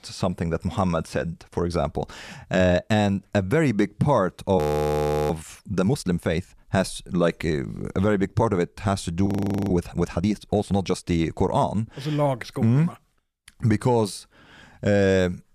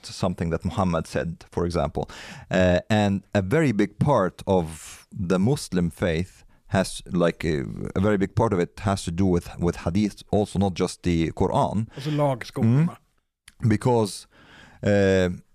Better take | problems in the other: second | audio freezing; at 4.5 s for 0.5 s and at 9.5 s

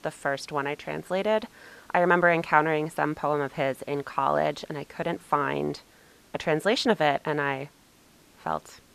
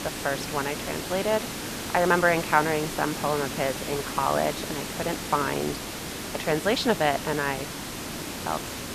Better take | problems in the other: first | hiss; loud; throughout; 6 dB below the speech; faint in the first

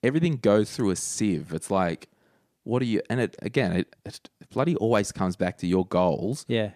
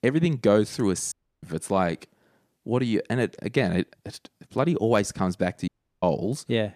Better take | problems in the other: first | audio cutting out; at 1 s and at 5.5 s

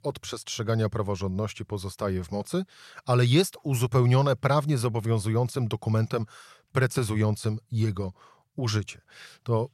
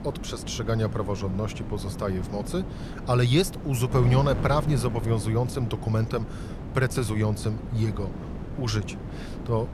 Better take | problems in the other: first | wind noise on the microphone; occasional gusts; 10 dB below the speech

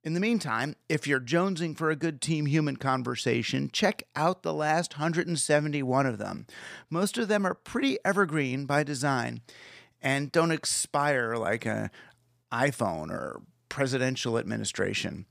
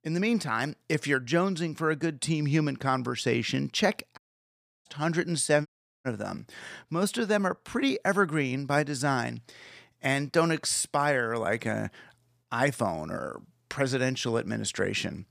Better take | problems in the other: first | audio cutting out; at 4 s for 0.5 s and at 5.5 s

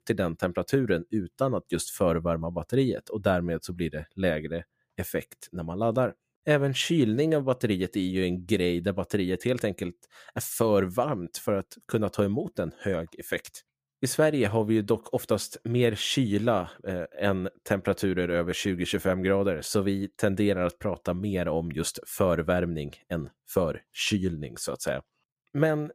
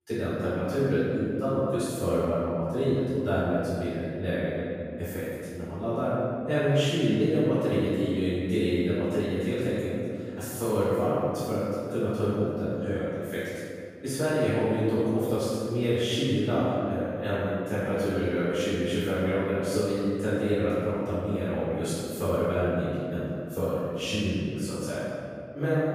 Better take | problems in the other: first | off-mic speech; far // room echo; strong; dies away in 2.2 s

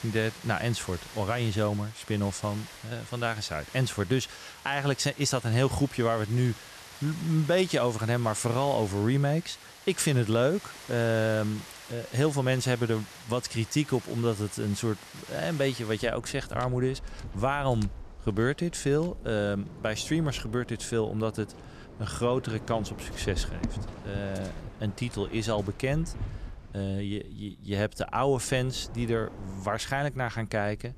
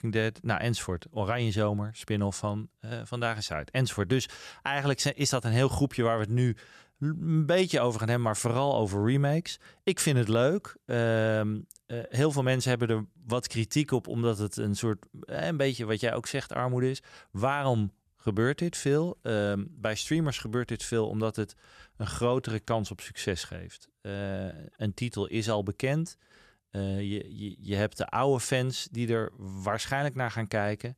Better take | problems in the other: second | rain or running water; noticeable; throughout; 15 dB below the speech

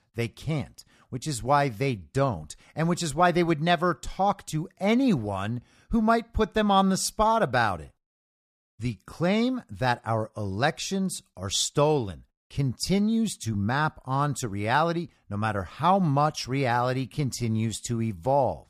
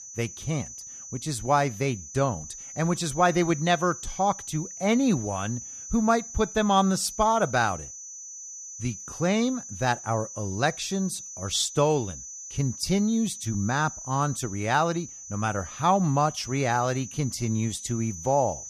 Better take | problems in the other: first | high-pitched whine; noticeable; throughout; 6 kHz, 10 dB below the speech

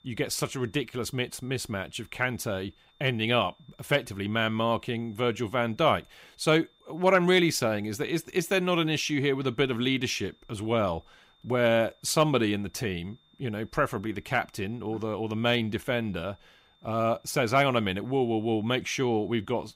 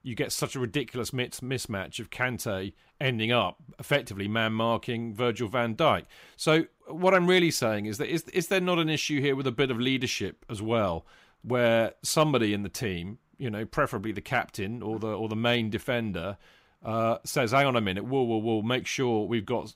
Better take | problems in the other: second | high-pitched whine; faint; throughout; 3.5 kHz, 35 dB below the speech

